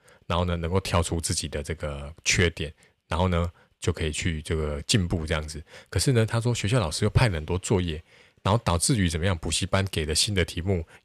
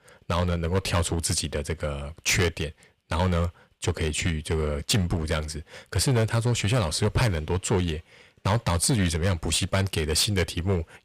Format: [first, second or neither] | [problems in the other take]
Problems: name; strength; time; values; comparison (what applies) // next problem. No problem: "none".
first | distortion; slight; 8% of the sound clipped